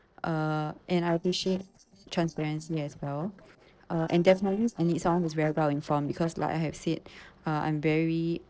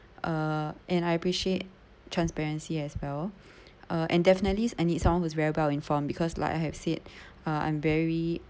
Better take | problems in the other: second | noise reduction (neural separator model SepFormer DNS4)

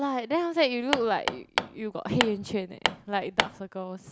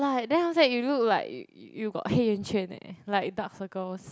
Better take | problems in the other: second | background sound (Hammer); 2 dB below the speech

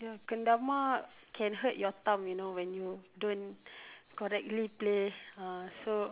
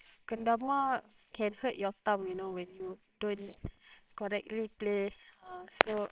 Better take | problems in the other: first | noise reduction (neural separator model SepFormer WHAMR!)

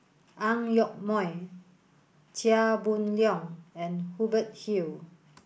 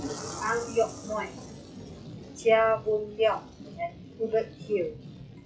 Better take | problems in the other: first | noise reduction (classical method WPE with log-MMSE)

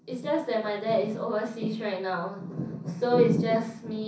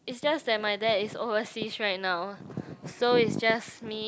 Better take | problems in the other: second | room echo; dies away in 0.6 s

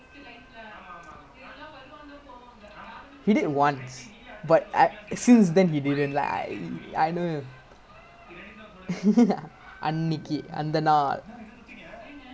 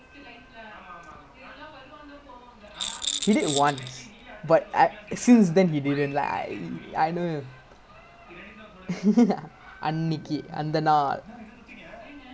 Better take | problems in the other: first | background sound (Rattle); 8 dB below the speech

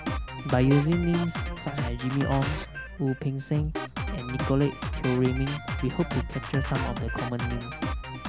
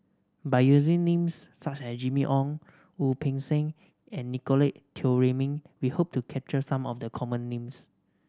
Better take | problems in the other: second | background sound (Drum kit); 4 dB below the speech

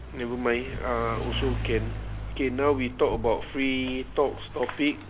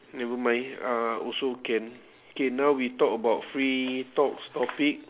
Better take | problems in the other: second | background sound (Mechanisms / Bicycle); 6 dB below the speech

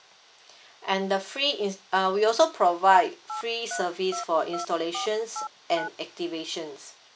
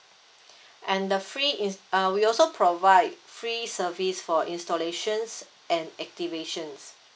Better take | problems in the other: second | background sound (Telephone); 11 dB below the speech

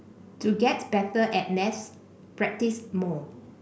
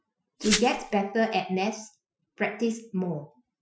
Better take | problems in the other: first | noise reduction (classical method Wiener filter)

